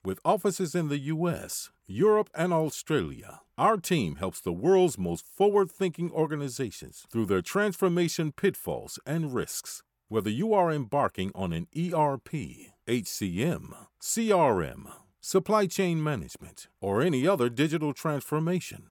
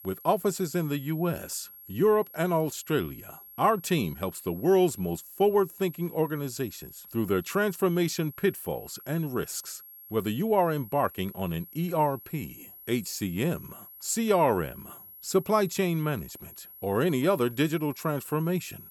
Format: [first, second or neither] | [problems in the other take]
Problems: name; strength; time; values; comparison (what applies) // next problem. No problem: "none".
first | high-pitched whine; noticeable; throughout; 11.5 kHz, 15 dB below the speech